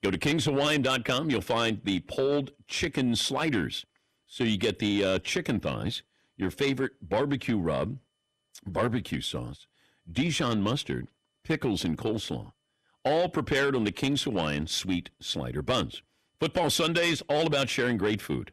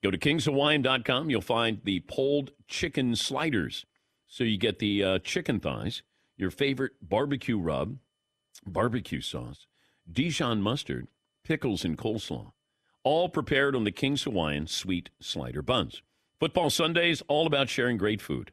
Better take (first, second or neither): second